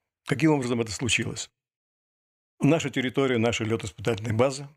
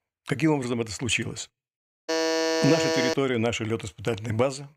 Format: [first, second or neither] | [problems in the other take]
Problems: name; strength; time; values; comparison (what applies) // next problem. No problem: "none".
first | alarm; loud; from 2 to 3 s; peak 3 dB above the speech